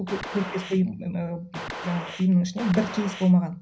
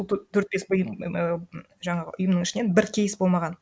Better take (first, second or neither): second